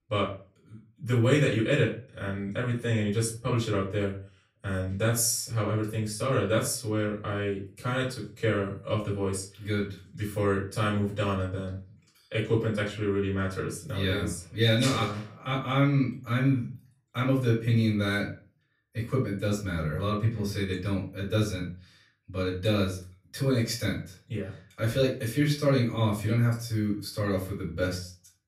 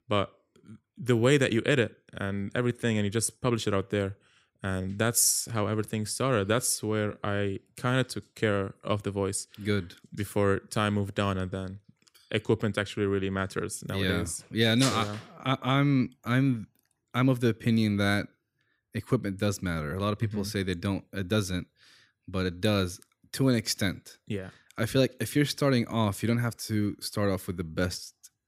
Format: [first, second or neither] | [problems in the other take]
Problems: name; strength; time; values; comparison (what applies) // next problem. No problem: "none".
second | off-mic speech; far // room echo; slight; dies away in 0.3 s